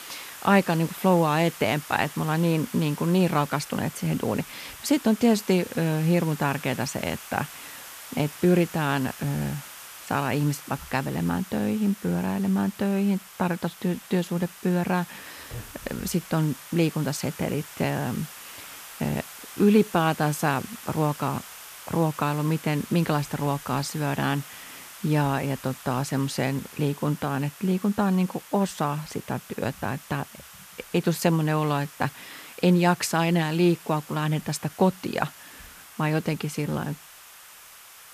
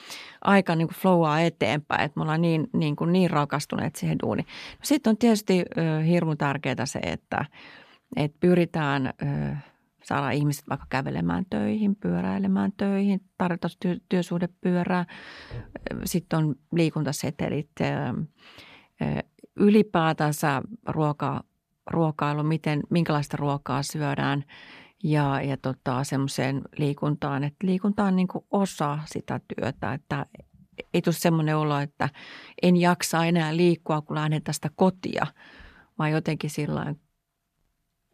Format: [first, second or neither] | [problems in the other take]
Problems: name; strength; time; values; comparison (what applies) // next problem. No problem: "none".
second | hiss; noticeable; throughout; 15 dB below the speech